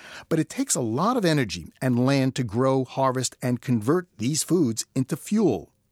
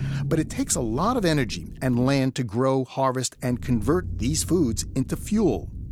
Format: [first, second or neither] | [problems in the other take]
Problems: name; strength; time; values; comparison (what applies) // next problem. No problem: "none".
first | low rumble; faint; until 2 s and from 3.5 s on; 20 dB below the speech